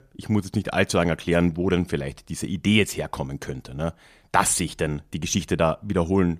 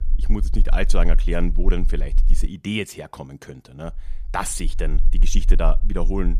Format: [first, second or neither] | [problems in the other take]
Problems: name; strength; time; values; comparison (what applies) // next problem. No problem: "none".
first | low rumble; faint; until 2.5 s and from 4 s on; 20 dB below the speech